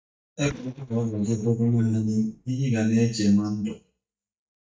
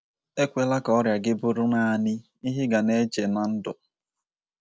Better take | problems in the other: second | noise reduction (neural mask model DeepFilterNet 3)

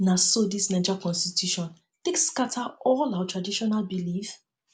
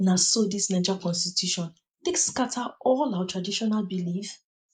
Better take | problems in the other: first | noise reduction (neural mask model Resemble Enhance denoiser)

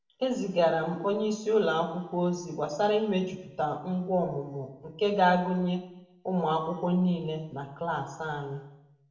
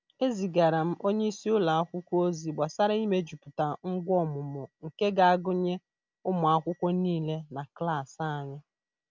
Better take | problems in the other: second | room echo; dies away in 0.7 s

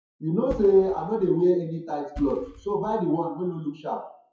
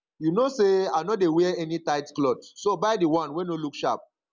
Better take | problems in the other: second | noise reduction (classical method WPE with log-MMSE)

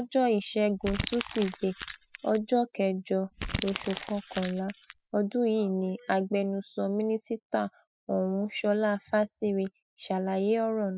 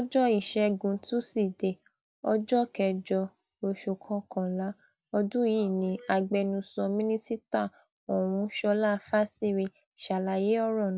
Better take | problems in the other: second | noise reduction (classical method spectral subtraction)

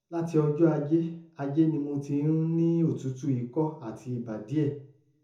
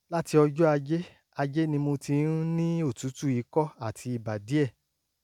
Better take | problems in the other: second | room echo; dies away in 0.5 s

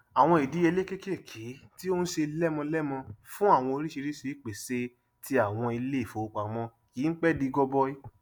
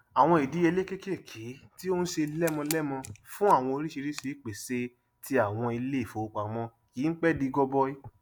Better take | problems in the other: first | background sound (Camera); 17 dB below the speech

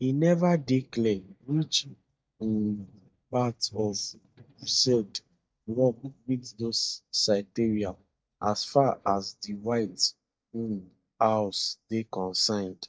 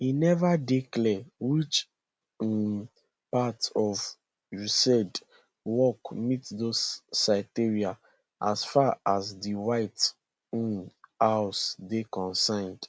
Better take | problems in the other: second | noise reduction (neural mask model DeepFilterNet 3)

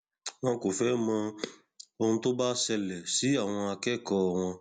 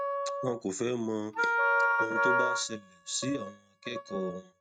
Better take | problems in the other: first | noise reduction (neural mask model RNNoise)

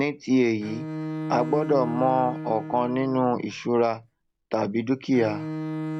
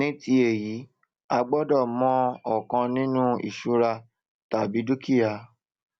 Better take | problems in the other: second | background sound (Bowed string instrument); 9 dB below the speech

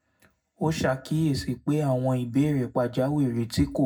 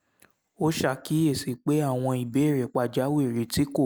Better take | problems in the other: second | room echo; dies away in 0.3 s

